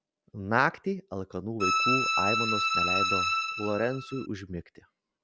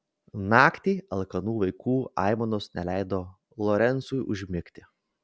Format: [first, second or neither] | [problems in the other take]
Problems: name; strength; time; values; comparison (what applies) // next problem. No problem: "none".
second | background sound (Bowed string instrument); 5 dB above the speech